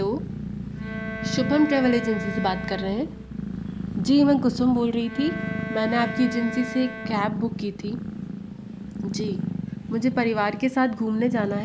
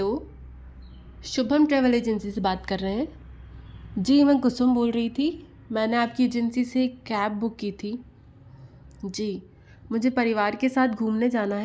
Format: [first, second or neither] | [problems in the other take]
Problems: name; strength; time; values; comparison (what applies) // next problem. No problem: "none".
second | background sound (Bowed string instrument + Purr); 6 dB below the speech